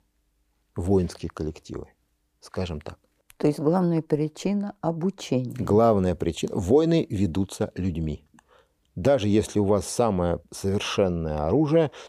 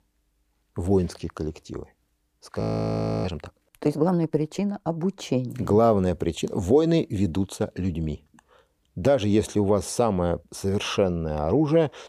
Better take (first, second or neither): first